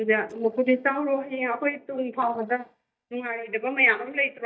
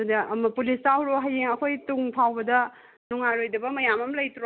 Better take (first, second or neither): second